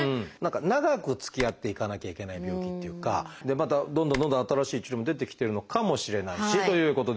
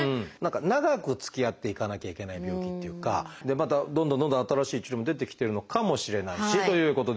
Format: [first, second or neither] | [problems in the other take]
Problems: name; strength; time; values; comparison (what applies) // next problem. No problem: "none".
second | background sound (Typing); 17 dB below the speech